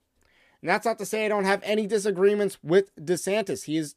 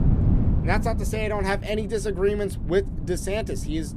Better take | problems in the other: first | wind noise on the microphone; occasional gusts; 10 dB below the speech

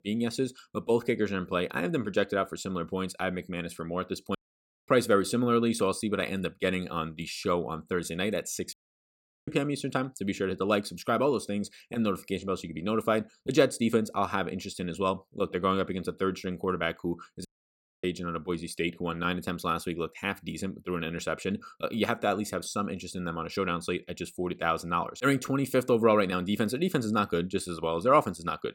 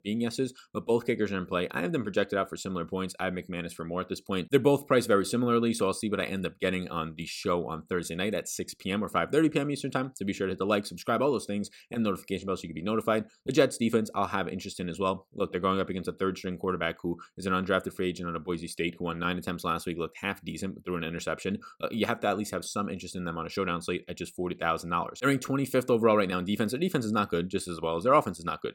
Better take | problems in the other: second | audio cutting out; at 4.5 s for 0.5 s, at 8.5 s for 0.5 s and at 17 s for 0.5 s

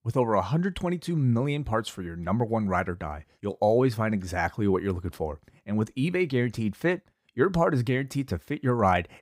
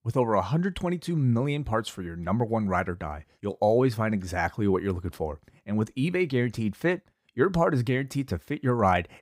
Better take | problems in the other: neither | none

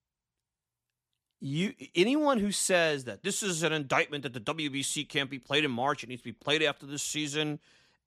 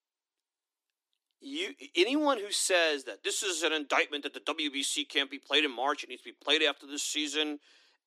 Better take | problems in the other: first | thin; very slightly; fading below 300 Hz

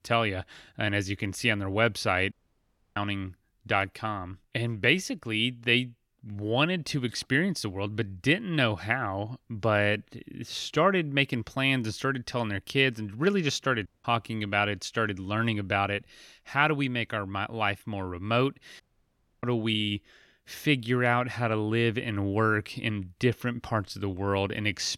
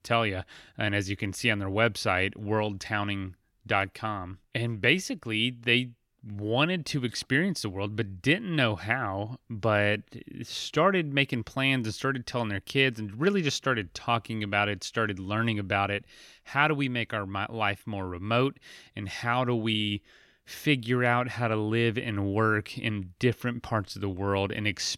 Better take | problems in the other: second | audio cutting out; at 2.5 s for 0.5 s, at 14 s and at 19 s for 0.5 s

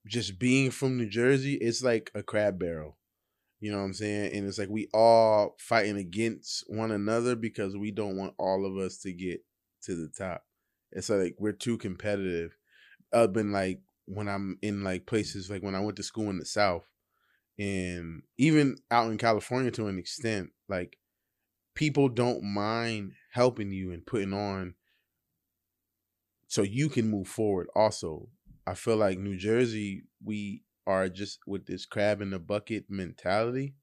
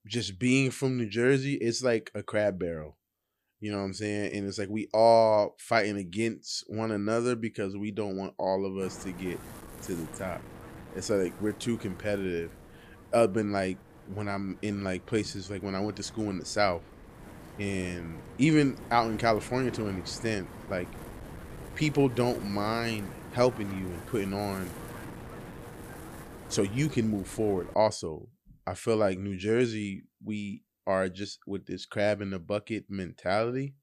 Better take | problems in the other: first | wind noise on the microphone; occasional gusts; from 9 to 28 s; 15 dB below the speech

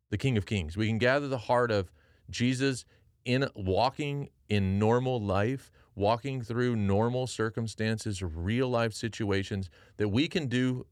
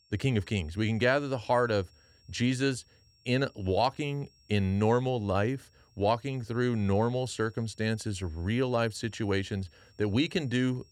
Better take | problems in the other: first | high-pitched whine; faint; throughout; 5.5 kHz, 30 dB below the speech

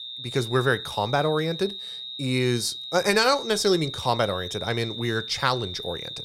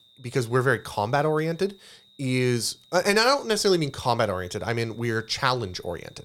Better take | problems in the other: second | high-pitched whine; loud; throughout; 3.5 kHz, 9 dB below the speech; faint in the second

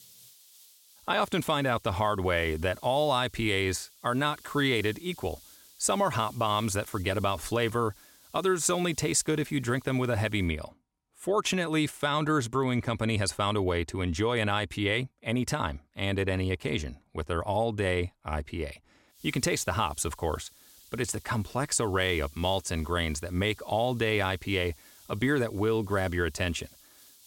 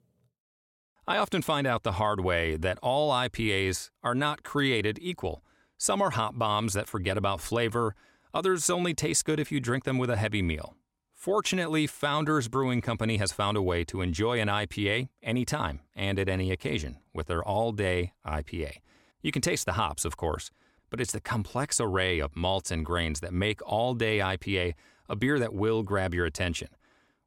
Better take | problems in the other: second | hiss; faint; until 10 s and from 19 s on; 25 dB below the speech

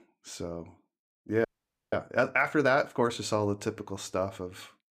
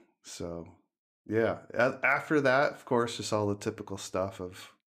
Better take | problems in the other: second | audio freezing; at 1.5 s

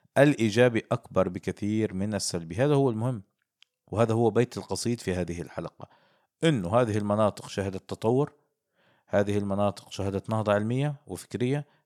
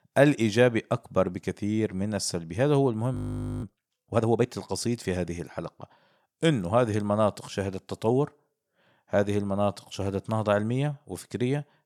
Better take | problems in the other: first | audio freezing; at 3 s

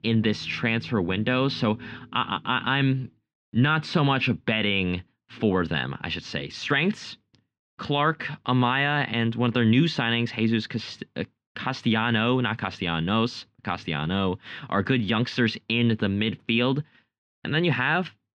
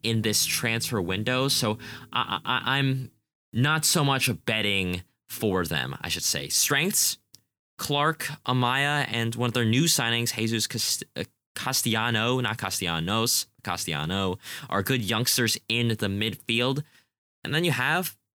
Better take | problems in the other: second | muffled; slightly; fading above 3.5 kHz

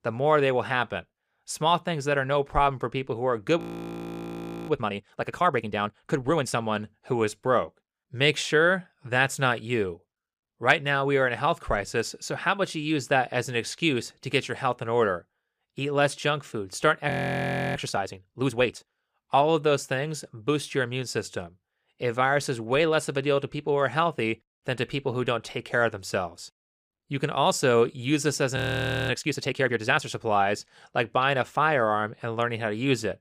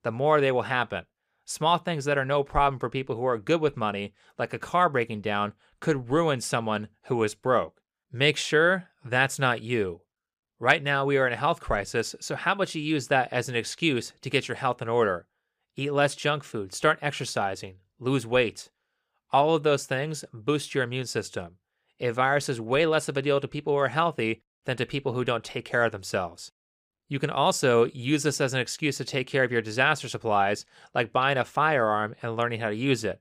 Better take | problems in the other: second | audio freezing; at 3.5 s for 1 s, at 17 s for 0.5 s and at 29 s for 0.5 s

